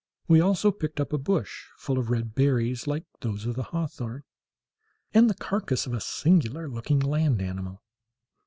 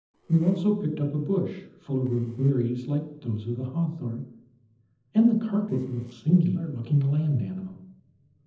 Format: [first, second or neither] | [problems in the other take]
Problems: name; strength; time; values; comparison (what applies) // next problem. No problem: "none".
first | noise reduction (neural separator model SepFormer DNS4)